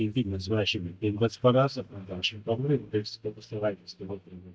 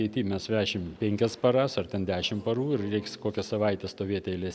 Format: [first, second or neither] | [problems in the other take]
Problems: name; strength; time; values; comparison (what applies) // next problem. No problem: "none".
second | noise reduction (neural mask model DeepFilterNet 3)